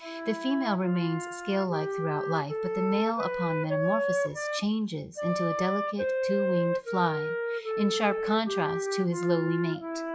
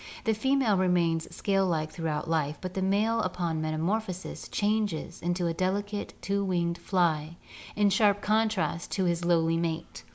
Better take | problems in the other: second | noise reduction (classical method log-MMSE)

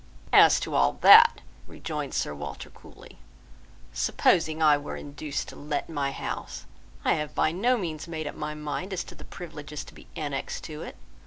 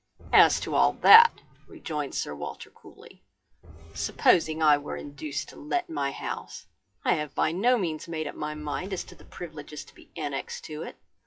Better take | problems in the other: first | noise reduction (classical method WPE with log-MMSE)

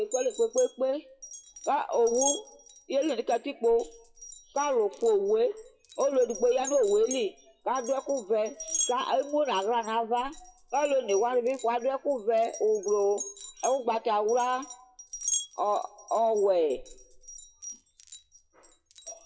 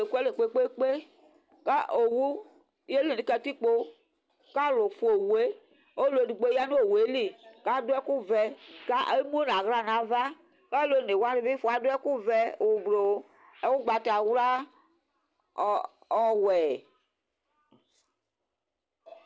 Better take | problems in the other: second | noise reduction (classical method WPE with log-MMSE)

